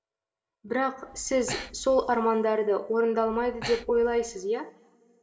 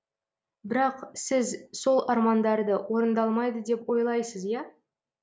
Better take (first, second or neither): second